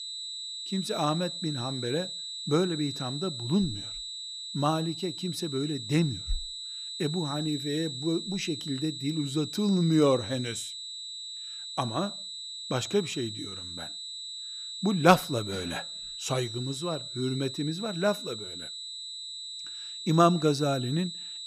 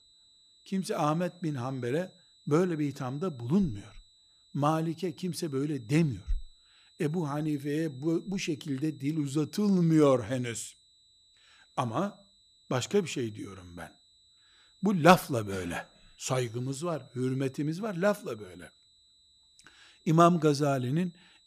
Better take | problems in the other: second | high-pitched whine; loud; throughout; 4 kHz, 7 dB below the speech; faint in the second

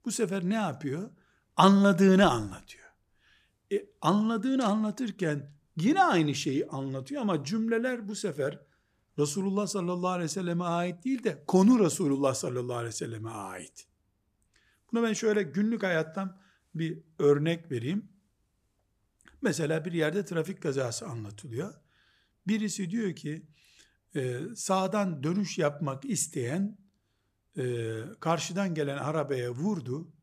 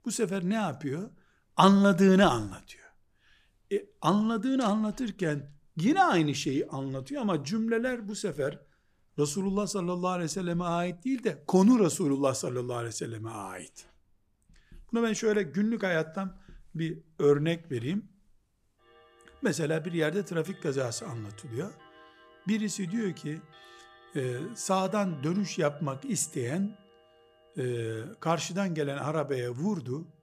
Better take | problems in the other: first | household noises; faint; throughout; 30 dB below the speech

